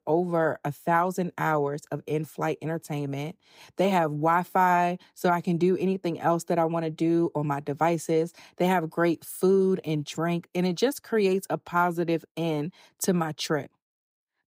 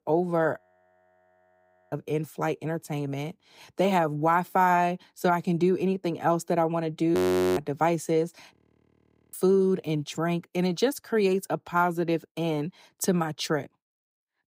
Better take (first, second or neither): first